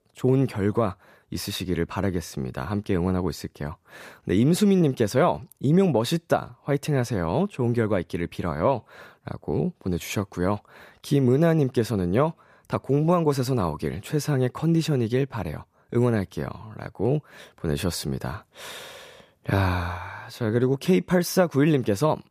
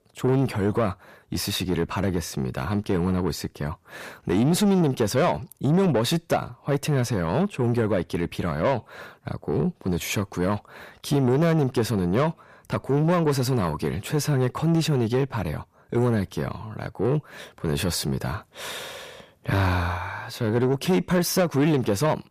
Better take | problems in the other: first | distortion; slight; 10 dB below the speech

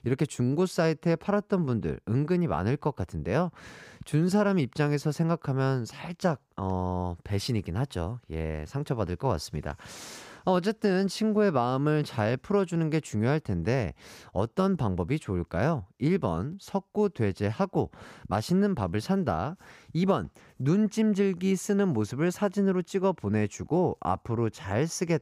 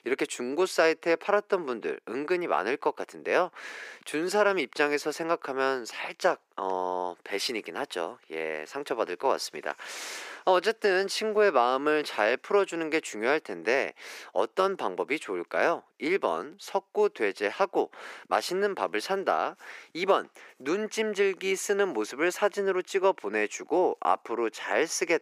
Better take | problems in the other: first | thin; very; fading below 350 Hz

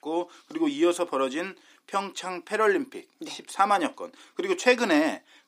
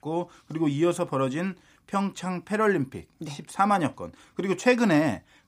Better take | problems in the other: second | thin; very slightly; fading below 300 Hz

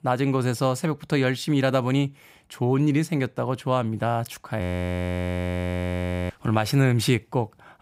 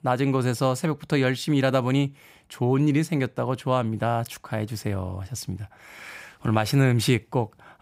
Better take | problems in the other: second | audio freezing; at 4.5 s for 1.5 s

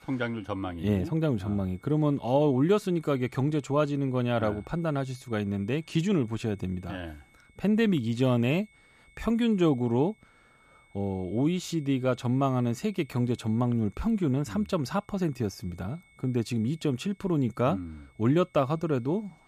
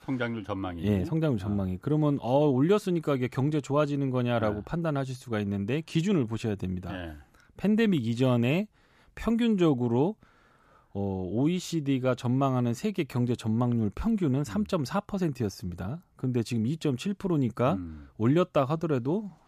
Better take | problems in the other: second | high-pitched whine; faint; throughout; 2 kHz, 30 dB below the speech

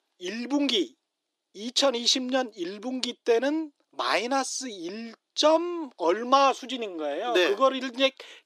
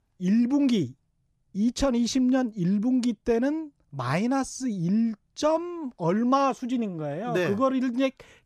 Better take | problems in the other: second | thin; somewhat; fading below 300 Hz

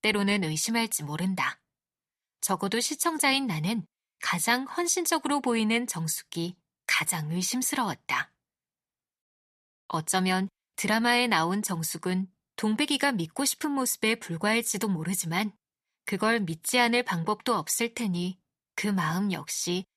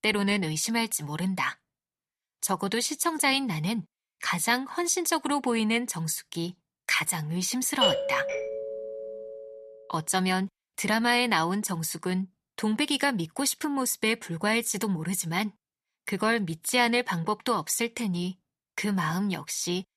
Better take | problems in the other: first | doorbell; loud; from 8 to 9 s; peak 3 dB above the speech

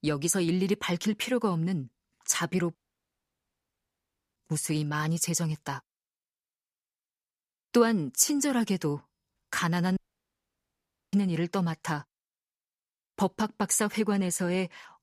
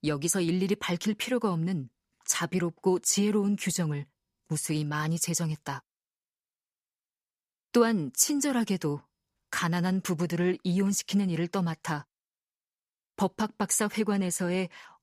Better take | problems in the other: second | audio cutting out; at 3 s for 1.5 s and at 10 s for 1 s

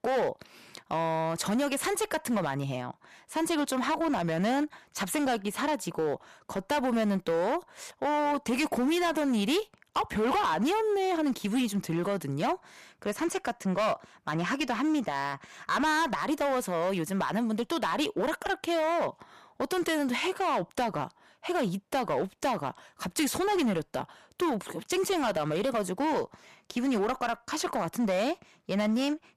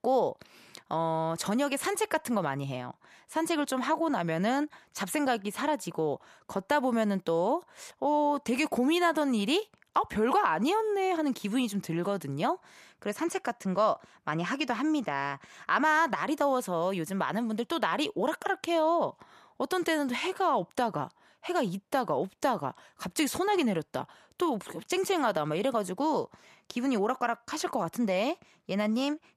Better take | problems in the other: second | distortion; slight; 12% of the sound clipped

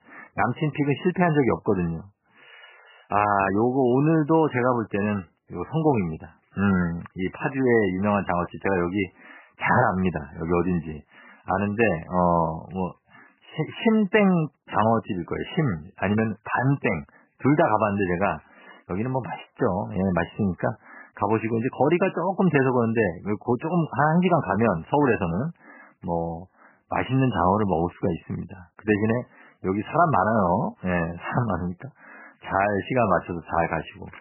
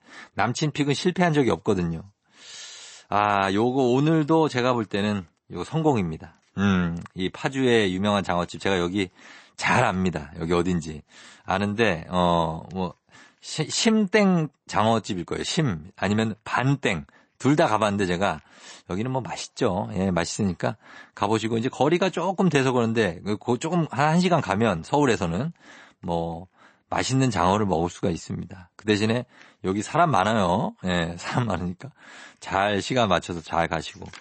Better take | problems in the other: second | garbled, watery; badly; nothing above 3 kHz; slightly in the second

